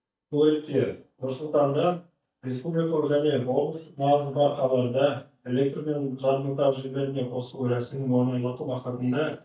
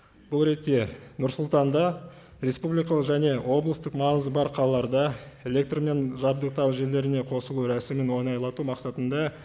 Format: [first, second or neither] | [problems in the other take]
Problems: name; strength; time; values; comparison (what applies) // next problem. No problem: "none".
second | noise reduction (neural mask model DeepFilterNet 3)